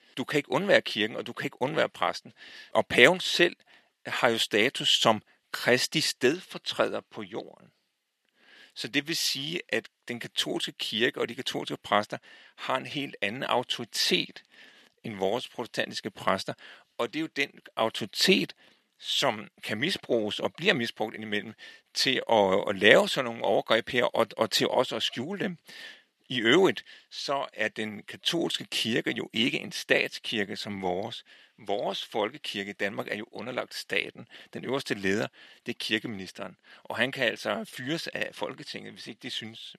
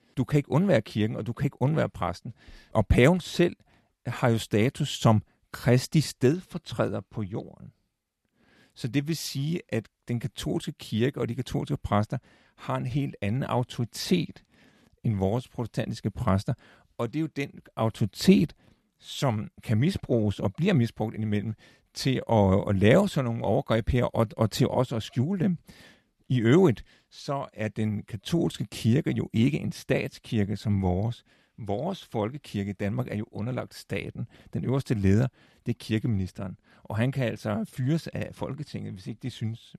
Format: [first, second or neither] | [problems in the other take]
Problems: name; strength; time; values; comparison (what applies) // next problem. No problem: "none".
second | thin; somewhat; fading below 350 Hz